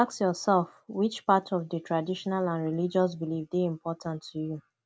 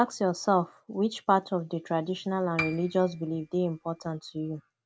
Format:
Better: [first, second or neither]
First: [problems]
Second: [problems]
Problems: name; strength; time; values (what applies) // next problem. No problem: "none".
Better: first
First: none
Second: background sound (Piano); 11 dB below the speech